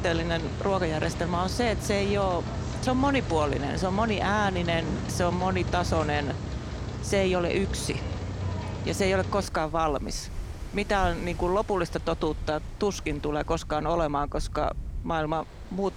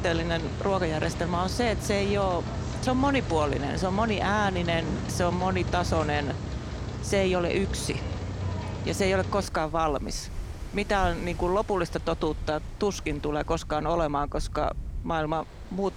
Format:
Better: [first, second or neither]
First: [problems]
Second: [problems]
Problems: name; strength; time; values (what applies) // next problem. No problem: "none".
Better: neither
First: rain or running water; loud; throughout; 6 dB below the speech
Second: rain or running water; loud; throughout; 6 dB below the speech